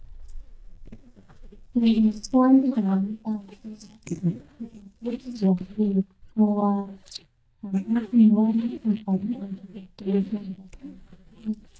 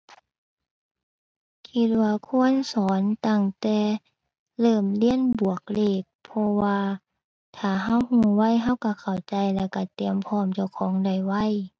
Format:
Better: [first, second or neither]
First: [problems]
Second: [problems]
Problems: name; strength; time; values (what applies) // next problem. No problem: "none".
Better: second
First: noise reduction (neural mask model DeepFilterNet 3)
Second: none